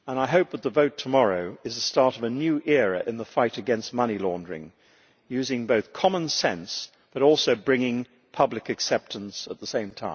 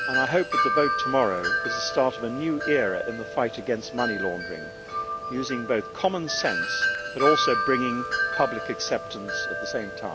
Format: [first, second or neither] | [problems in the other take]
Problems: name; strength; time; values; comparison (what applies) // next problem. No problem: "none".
first | background sound (Wind chime); 1 dB below the speech